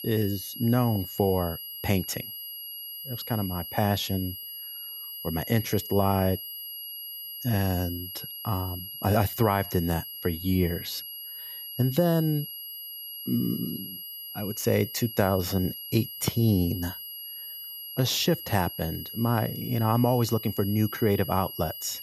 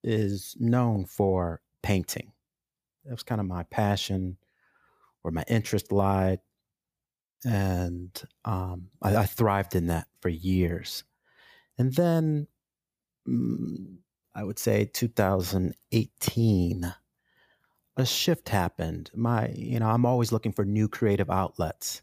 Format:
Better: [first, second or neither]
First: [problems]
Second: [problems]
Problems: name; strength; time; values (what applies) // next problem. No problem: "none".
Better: second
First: high-pitched whine; loud; throughout; 11.5 kHz, 9 dB below the speech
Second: none